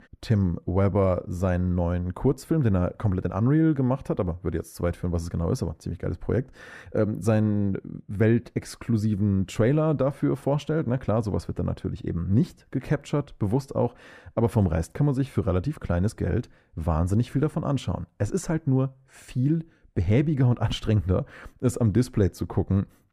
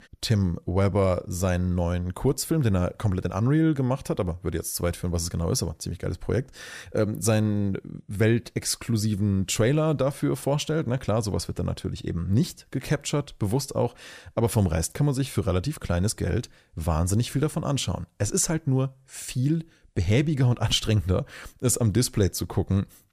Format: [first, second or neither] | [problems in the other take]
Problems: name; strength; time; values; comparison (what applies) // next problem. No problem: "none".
second | muffled; slightly; fading above 2.5 kHz